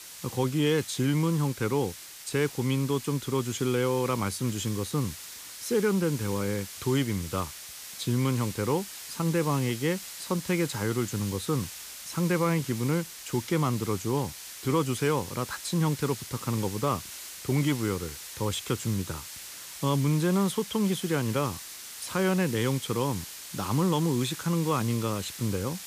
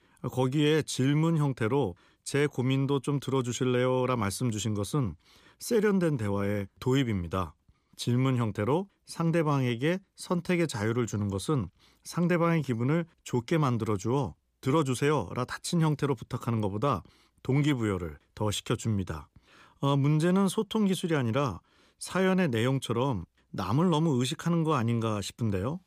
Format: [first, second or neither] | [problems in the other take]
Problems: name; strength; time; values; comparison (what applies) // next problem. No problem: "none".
second | hiss; noticeable; throughout; 10 dB below the speech